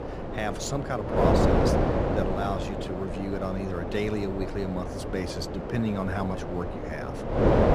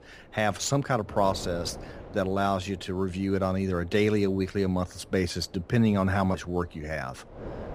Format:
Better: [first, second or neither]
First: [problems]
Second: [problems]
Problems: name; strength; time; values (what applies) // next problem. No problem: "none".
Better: second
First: wind noise on the microphone; heavy; 3 dB above the speech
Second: wind noise on the microphone; occasional gusts; 20 dB below the speech